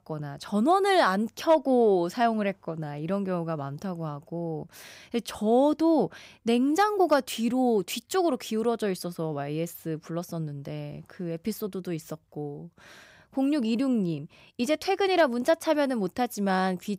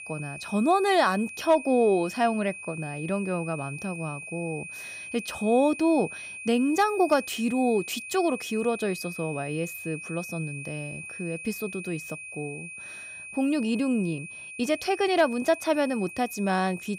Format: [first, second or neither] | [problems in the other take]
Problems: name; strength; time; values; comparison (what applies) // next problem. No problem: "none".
first | high-pitched whine; noticeable; throughout; 2.5 kHz, 10 dB below the speech